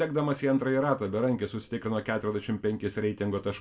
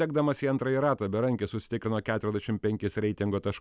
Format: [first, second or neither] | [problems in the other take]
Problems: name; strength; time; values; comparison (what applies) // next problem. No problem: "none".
second | room echo; dies away in 0.5 s